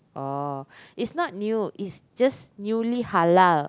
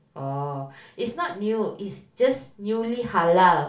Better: first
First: none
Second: room echo; dies away in 0.3 s

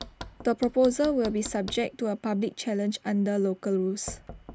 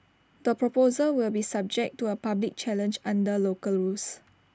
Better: second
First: background sound (Knock); 18 dB below the speech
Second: none

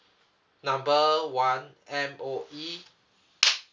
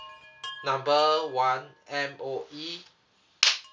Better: first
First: none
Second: background sound (Chime); 19 dB below the speech

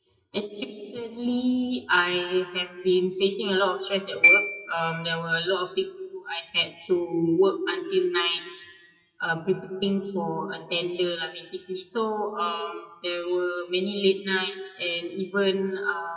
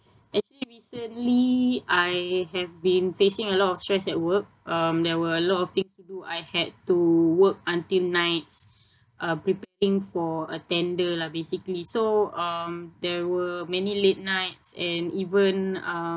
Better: second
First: noise reduction (classical method WPE with log-MMSE)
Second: none

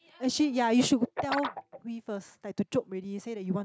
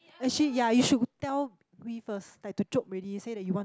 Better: second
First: noise reduction (neural mask model RNNoise)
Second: none

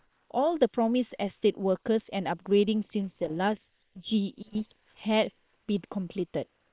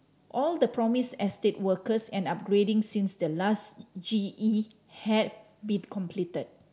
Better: second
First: noise reduction (neural separator model SepFormer WHAM!)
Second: none

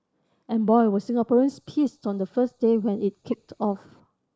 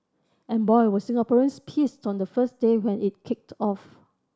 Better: second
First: noise reduction (neural mask model Resemble Enhance denoiser)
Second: none

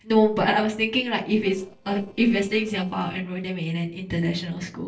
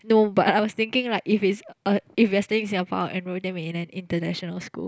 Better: second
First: noise reduction (neural separator model SepFormer DNS4)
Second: none

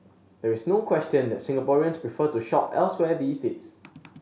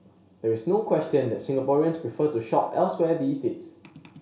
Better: first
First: none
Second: room echo; dies away in 0.6 s

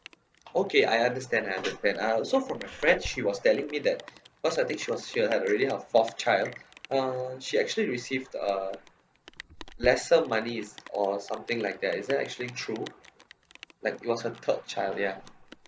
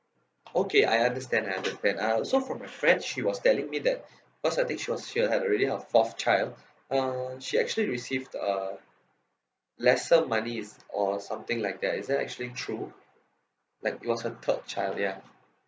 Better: second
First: background sound (Clock + Rain); 19 dB below the speech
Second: none

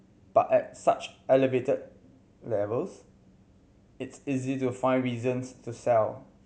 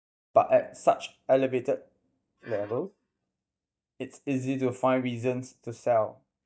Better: first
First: none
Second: noise reduction (neural mask model DeepFilterNet 3)

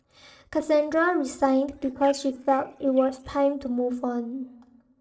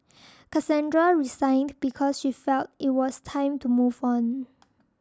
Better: second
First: noise reduction (neural separator model SepFormer DNS4)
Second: none

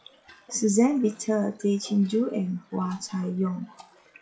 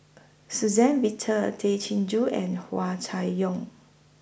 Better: second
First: noise reduction (classical method WPE with log-MMSE)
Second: none

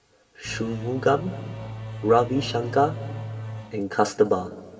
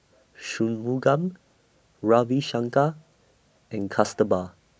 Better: second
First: background sound (Engine / Domestic sounds, home sounds); 10 dB below the speech // room echo; dies away in 2.9 s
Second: none

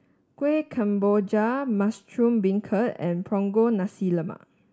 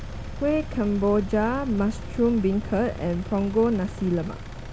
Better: first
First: none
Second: background sound (Engine); 9 dB below the speech

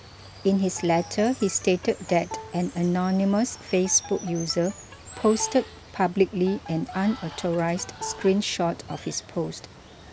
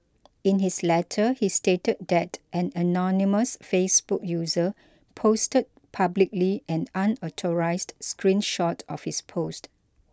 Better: second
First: background sound (Water + Bowed string instrument); 16 dB below the speech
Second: none

